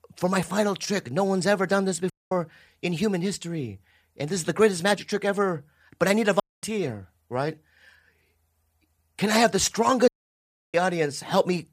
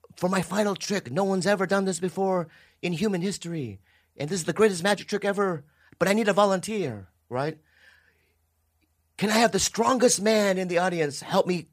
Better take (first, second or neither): second